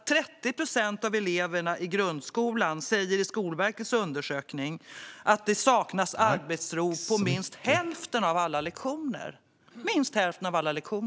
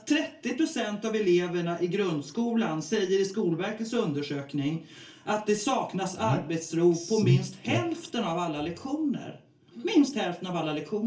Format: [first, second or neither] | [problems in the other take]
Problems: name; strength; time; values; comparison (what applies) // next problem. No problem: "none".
first | room echo; dies away in 0.3 s